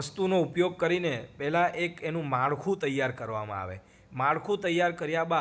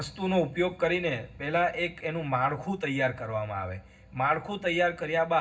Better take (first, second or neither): first